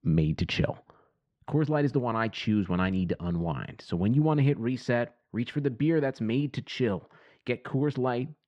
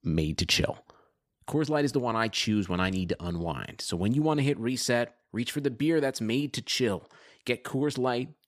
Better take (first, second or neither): second